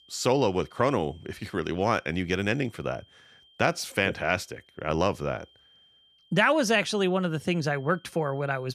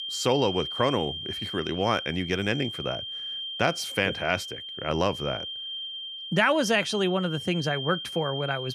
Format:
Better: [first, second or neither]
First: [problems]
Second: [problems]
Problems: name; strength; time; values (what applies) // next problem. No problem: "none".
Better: first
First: high-pitched whine; faint; throughout; 3 kHz, 30 dB below the speech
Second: high-pitched whine; loud; throughout; 3 kHz, 6 dB below the speech